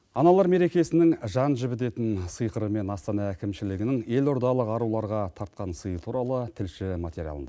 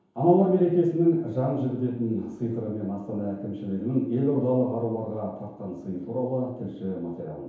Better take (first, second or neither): first